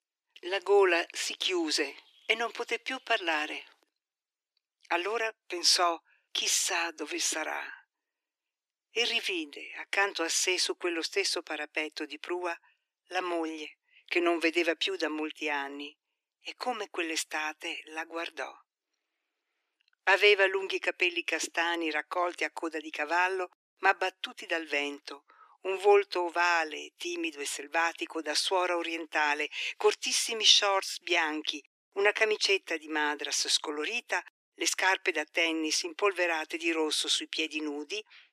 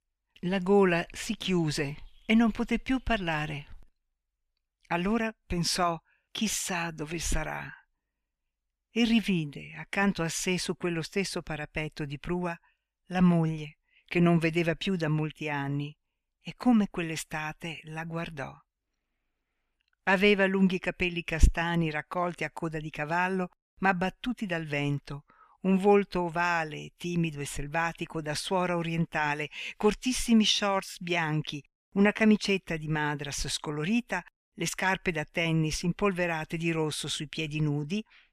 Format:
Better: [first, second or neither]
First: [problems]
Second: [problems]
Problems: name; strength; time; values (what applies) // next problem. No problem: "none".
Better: second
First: thin; very; fading below 300 Hz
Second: none